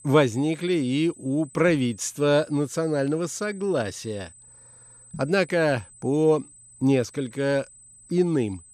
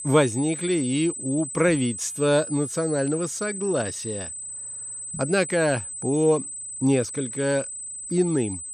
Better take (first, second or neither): first